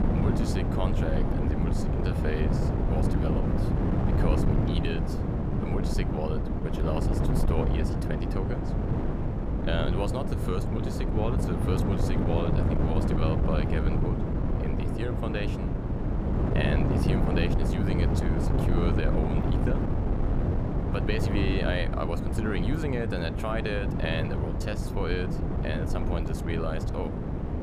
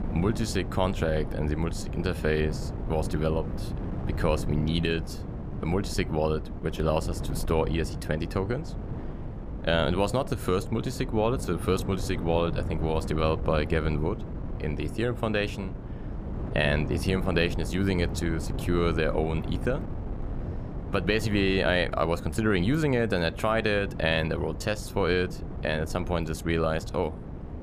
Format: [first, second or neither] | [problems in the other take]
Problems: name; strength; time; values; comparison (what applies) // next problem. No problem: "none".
second | wind noise on the microphone; heavy; as loud as the speech; occasional gusts in the second